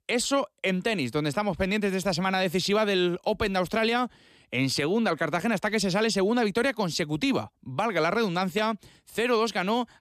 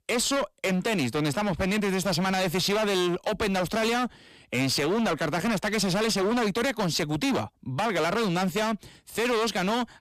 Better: first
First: none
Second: distortion; heavy; 29% of the sound clipped

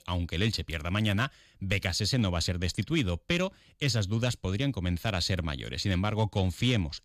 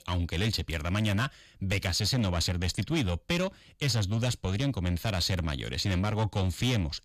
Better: first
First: none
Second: distortion; slight; 10 dB below the speech

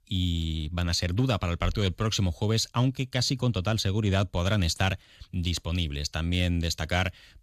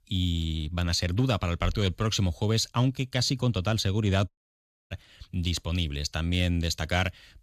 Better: first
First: none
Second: audio cutting out; at 4.5 s for 0.5 s

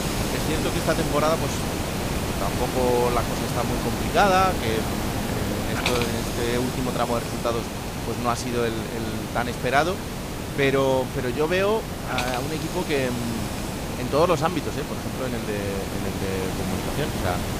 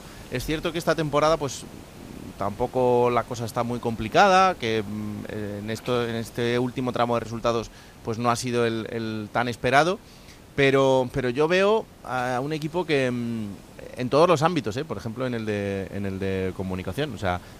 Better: second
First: hiss; loud; throughout; 2 dB below the speech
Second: hiss; faint; throughout; 20 dB below the speech

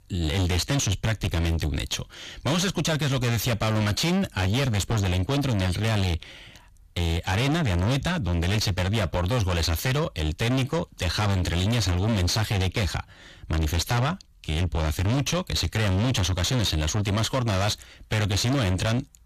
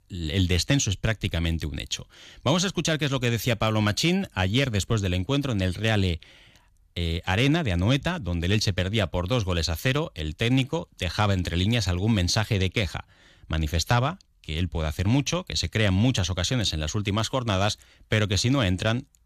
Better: second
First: distortion; heavy; 6 dB below the speech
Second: none

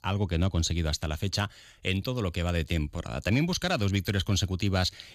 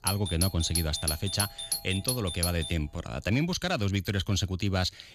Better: first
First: none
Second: doorbell; loud; until 2.5 s; peak level with the speech

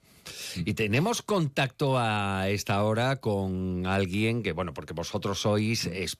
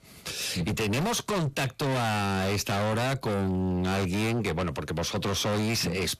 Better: first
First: none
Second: distortion; heavy; 6 dB below the speech

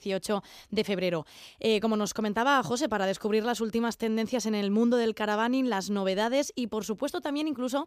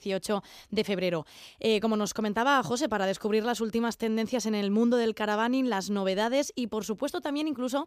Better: neither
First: none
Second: none

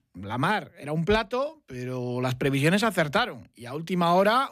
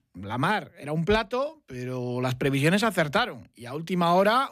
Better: neither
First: none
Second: none

